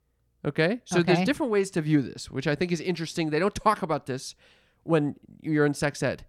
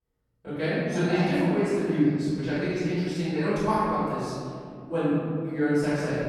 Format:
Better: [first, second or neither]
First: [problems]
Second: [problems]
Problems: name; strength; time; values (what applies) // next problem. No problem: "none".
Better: first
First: none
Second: room echo; strong; dies away in 2.4 s // off-mic speech; far